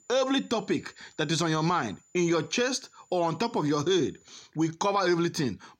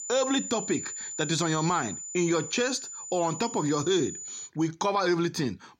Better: first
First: high-pitched whine; faint; until 4.5 s; 7 kHz, 30 dB below the speech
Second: high-pitched whine; loud; until 4.5 s; 7 kHz, 8 dB below the speech

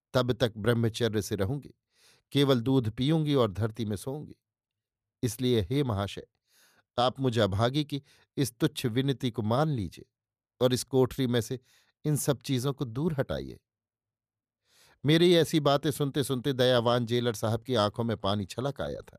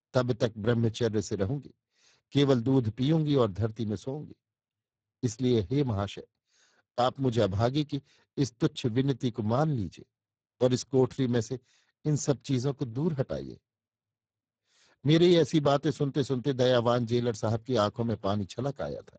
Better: first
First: none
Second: garbled, watery; badly; nothing above 7.5 kHz

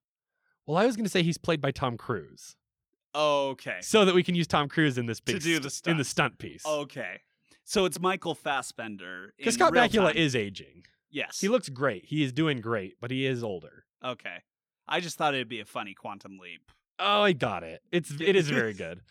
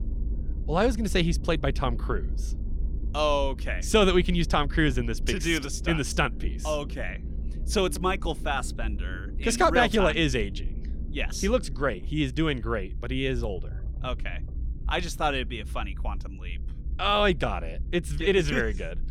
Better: first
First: none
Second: low rumble; faint; throughout; 25 dB below the speech

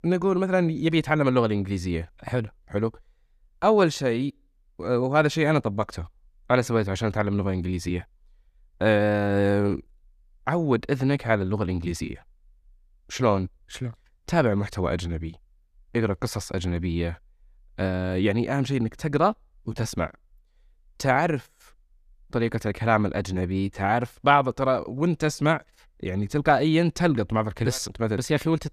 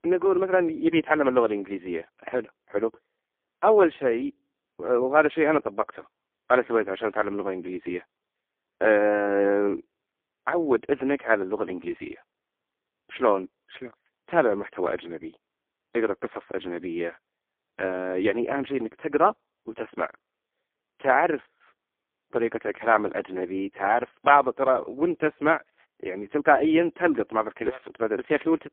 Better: first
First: none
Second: phone-call audio; poor line

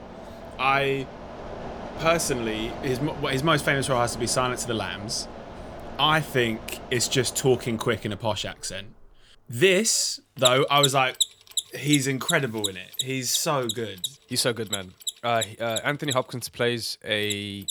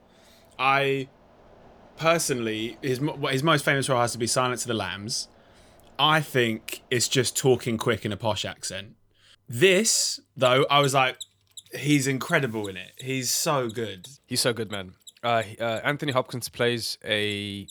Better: second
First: machinery noise; loud; throughout; 8 dB below the speech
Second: machinery noise; faint; throughout; 25 dB below the speech

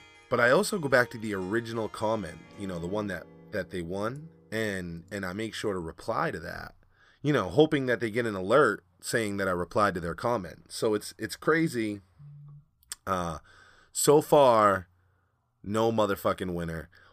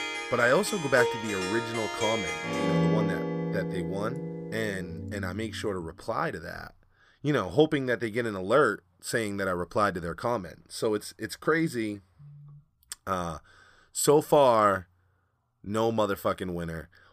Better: first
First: background music; faint; until 5.5 s; 25 dB below the speech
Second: background music; loud; until 5.5 s; 3 dB below the speech

